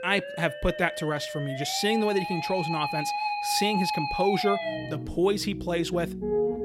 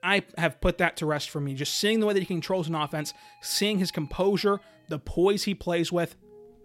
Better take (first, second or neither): second